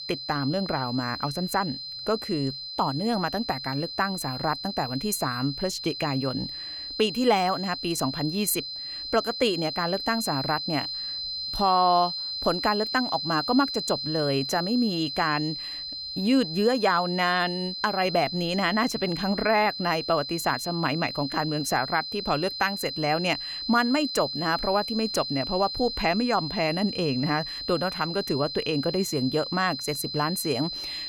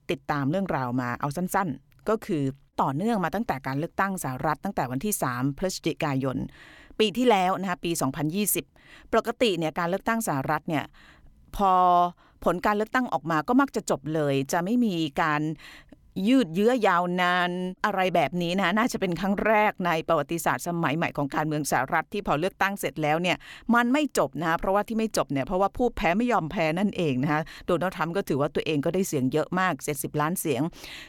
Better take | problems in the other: second | high-pitched whine; loud; throughout; 4 kHz, 5 dB below the speech

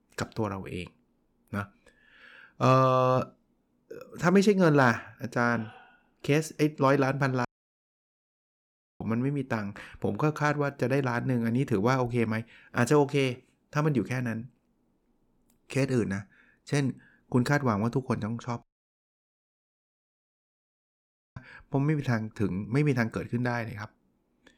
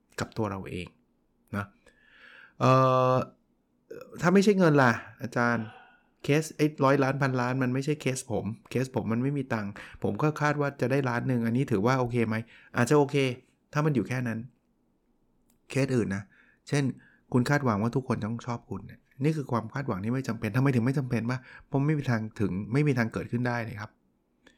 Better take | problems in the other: second | audio cutting out; at 7.5 s for 1.5 s and at 19 s for 2.5 s

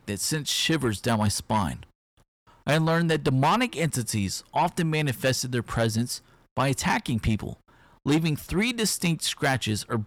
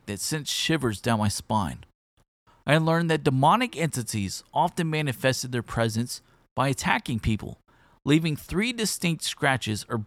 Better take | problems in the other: second | distortion; slight; 10 dB below the speech

